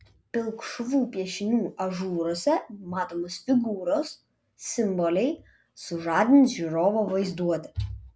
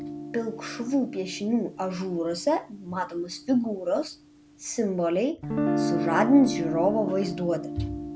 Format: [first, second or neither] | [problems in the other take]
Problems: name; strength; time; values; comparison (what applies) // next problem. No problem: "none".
first | background sound (Guitar); 6 dB below the speech